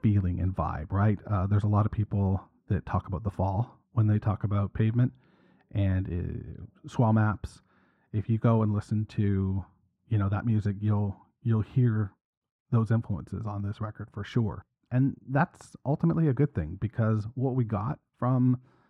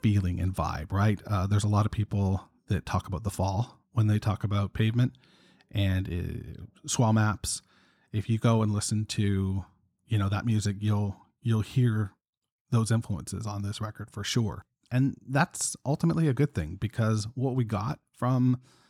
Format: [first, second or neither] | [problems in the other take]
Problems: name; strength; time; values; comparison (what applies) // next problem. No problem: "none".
second | muffled; very; fading above 3 kHz